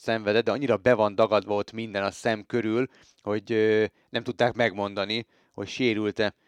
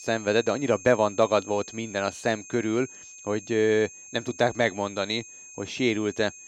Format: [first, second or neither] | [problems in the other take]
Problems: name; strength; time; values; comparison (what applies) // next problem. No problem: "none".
first | high-pitched whine; noticeable; throughout; 6.5 kHz, 15 dB below the speech